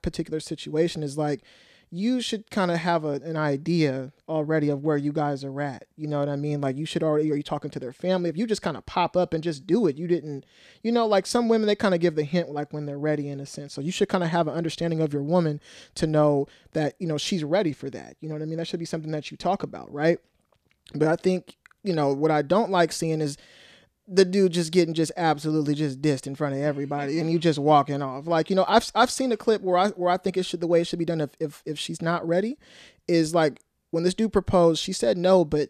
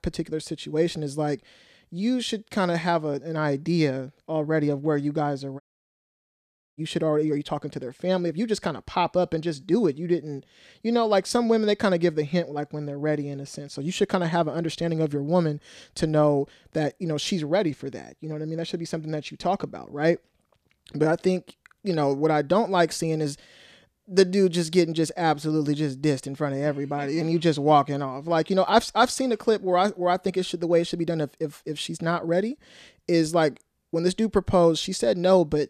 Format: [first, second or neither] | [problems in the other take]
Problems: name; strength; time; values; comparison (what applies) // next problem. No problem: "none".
first | audio cutting out; at 5.5 s for 1 s